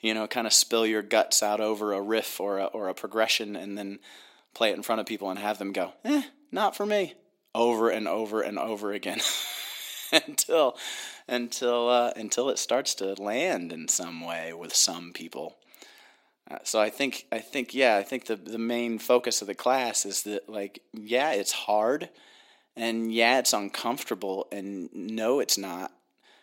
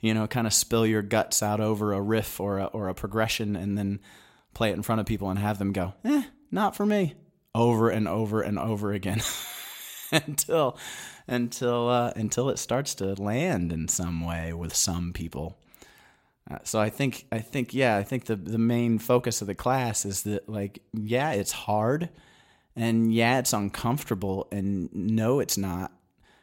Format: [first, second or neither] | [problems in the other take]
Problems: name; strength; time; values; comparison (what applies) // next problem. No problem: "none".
second | thin; somewhat; fading below 300 Hz